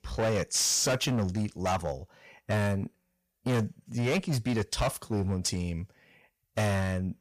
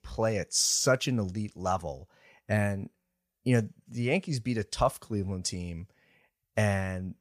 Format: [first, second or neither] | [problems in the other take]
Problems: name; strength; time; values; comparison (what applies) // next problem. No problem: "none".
second | distortion; heavy; 15% of the sound clipped